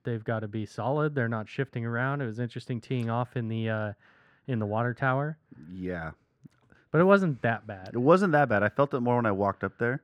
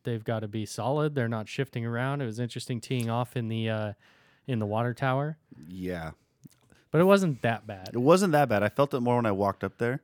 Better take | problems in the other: second | muffled; slightly; fading above 1.5 kHz

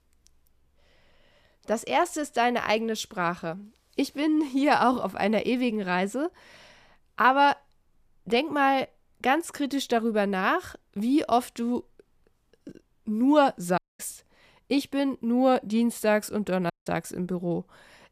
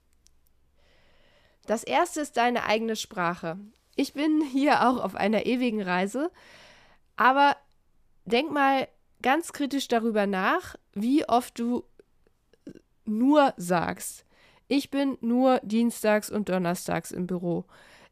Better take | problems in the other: second | audio cutting out; at 14 s and at 17 s

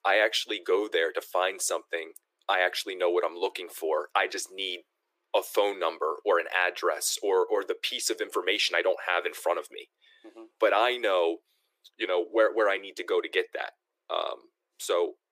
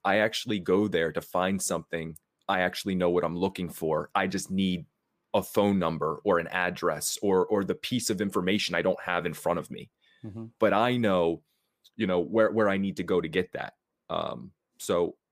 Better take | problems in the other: second | thin; very; fading below 350 Hz

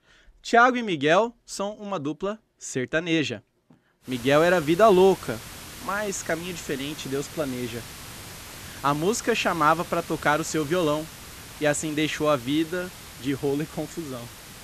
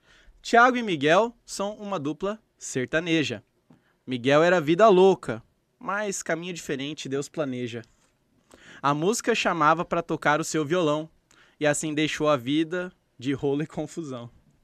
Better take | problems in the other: second | hiss; noticeable; from 4 s on; 15 dB below the speech

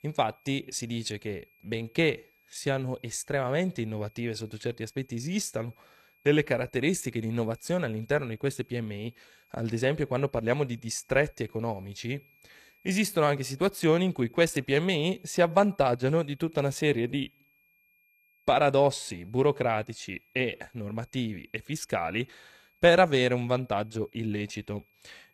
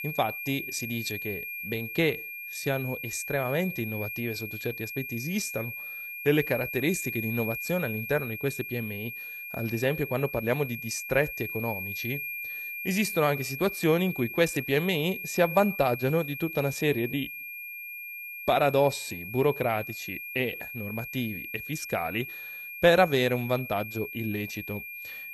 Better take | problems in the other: first | high-pitched whine; loud; throughout; 2.5 kHz, 7 dB below the speech; faint in the first

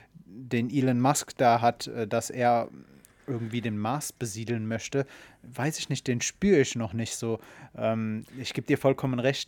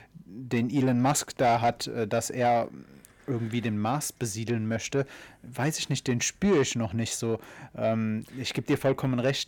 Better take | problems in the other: first | distortion; slight; 10 dB below the speech

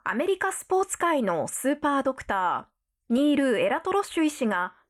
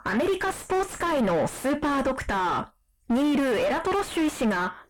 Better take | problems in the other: first | distortion; heavy; 4 dB below the speech

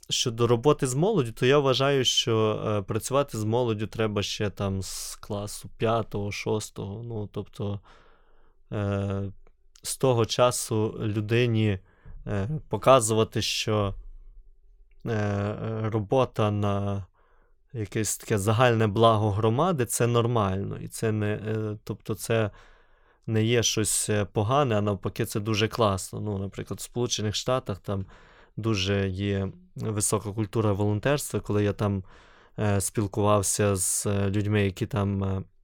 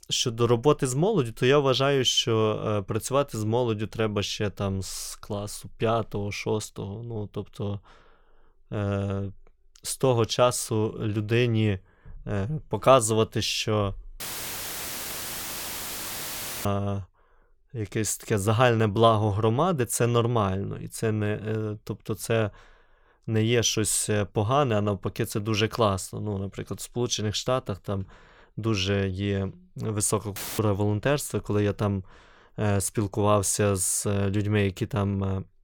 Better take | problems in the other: first | audio cutting out; filled with static; at 14 s for 2.5 s and at 30 s

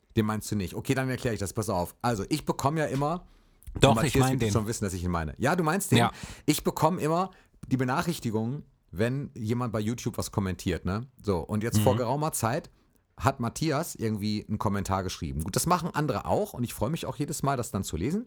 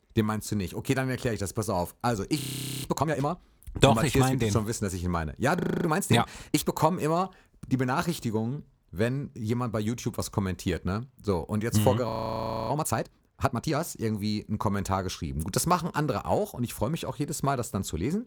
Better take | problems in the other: first | audio freezing; at 2.5 s, at 5.5 s and at 12 s for 0.5 s

